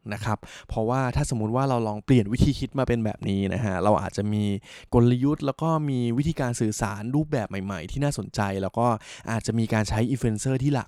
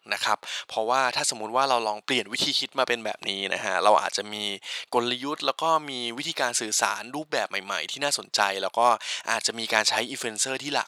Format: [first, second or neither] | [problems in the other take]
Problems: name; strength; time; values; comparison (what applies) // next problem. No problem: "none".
first | thin; very; fading below 750 Hz